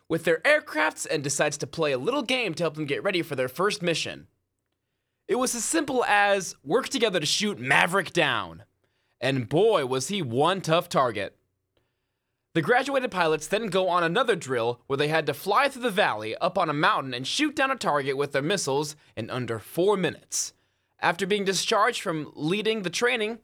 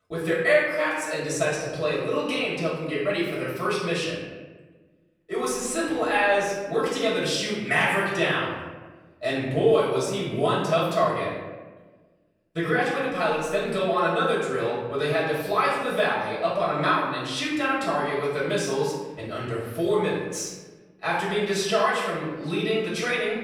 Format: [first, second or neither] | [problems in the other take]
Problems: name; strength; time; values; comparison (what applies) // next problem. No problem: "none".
first | room echo; noticeable; dies away in 1.1 s // off-mic speech; far